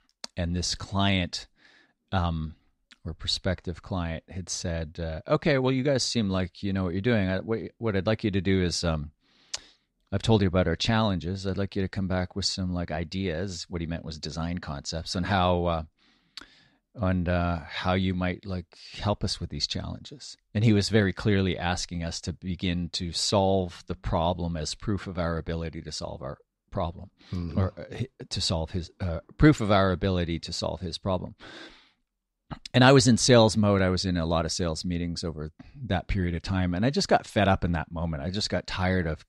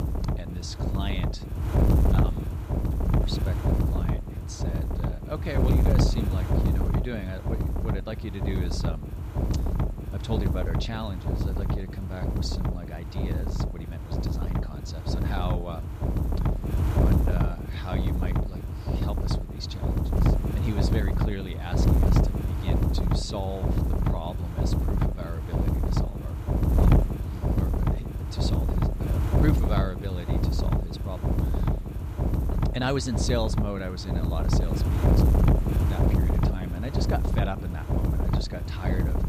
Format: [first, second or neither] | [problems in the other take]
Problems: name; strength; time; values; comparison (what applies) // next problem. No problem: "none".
first | wind noise on the microphone; heavy; 2 dB above the speech